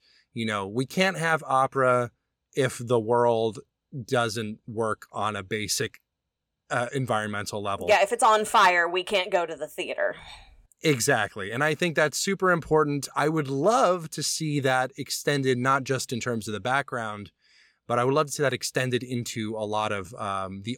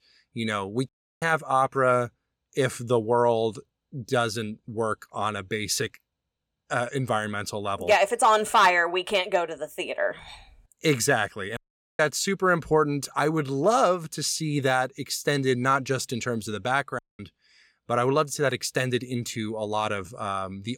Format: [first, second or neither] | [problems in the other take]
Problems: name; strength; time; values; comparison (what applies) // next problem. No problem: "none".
first | audio cutting out; at 1 s, at 12 s and at 17 s